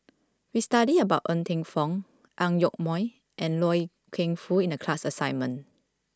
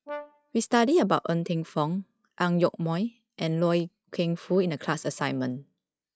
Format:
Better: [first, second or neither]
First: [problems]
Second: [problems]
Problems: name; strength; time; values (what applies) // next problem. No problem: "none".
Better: first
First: none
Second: noise reduction (classical method log-MMSE)